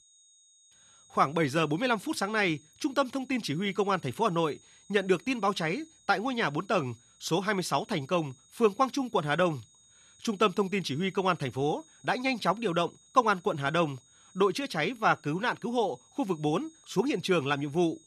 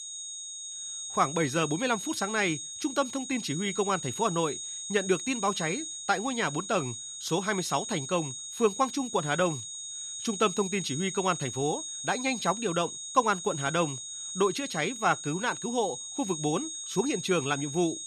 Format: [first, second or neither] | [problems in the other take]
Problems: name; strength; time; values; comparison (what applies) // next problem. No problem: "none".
first | high-pitched whine; loud; throughout; 6.5 kHz, 6 dB below the speech; faint in the first